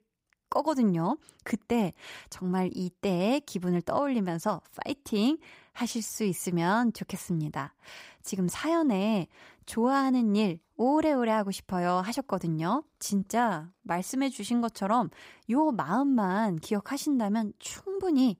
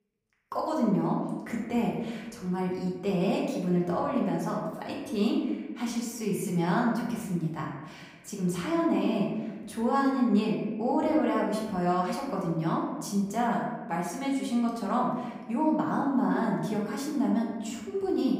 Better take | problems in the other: first | room echo; noticeable; dies away in 1.1 s // off-mic speech; far

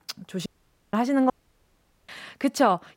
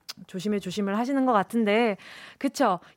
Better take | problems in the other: second | audio cutting out; at 0.5 s and at 1.5 s for 1 s

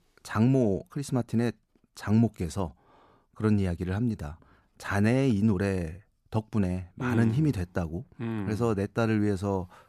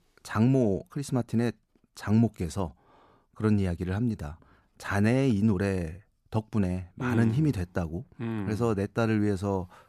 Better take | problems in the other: neither | none

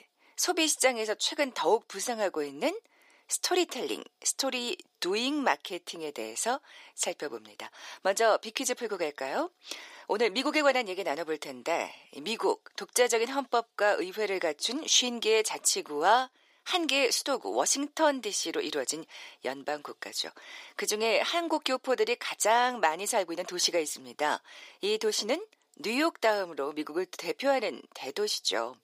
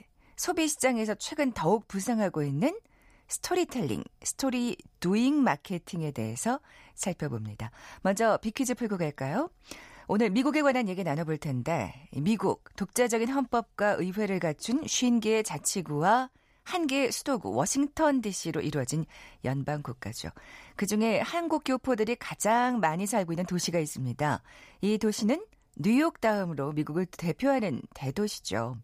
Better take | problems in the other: second | thin; somewhat; fading below 350 Hz

